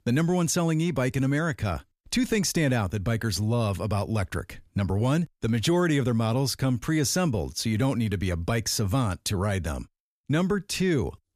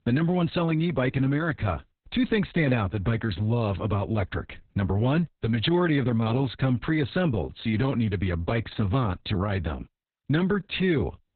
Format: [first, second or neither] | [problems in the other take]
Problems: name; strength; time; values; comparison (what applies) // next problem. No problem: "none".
first | garbled, watery; badly; nothing above 4 kHz